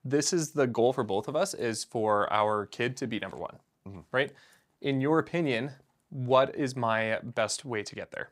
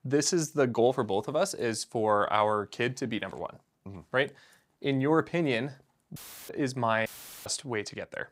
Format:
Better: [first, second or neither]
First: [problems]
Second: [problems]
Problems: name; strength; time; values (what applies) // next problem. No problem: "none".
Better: first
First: none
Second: audio cutting out; filled with static; at 6 s and at 7 s